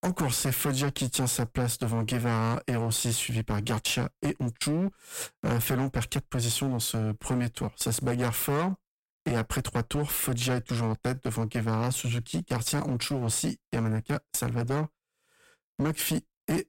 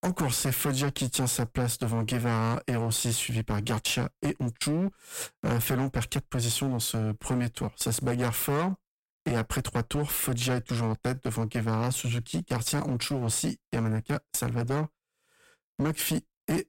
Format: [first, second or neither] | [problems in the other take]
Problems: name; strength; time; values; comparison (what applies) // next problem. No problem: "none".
neither | distortion; heavy; 14% of the sound clipped; the same in both